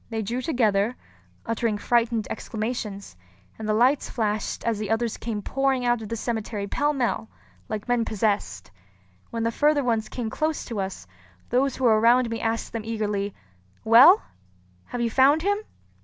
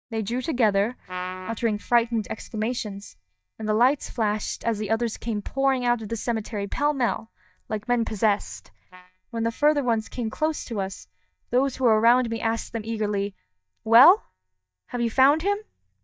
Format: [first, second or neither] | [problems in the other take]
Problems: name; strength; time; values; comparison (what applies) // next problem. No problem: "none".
first | noise reduction (neural mask model DeepFilterNet 3)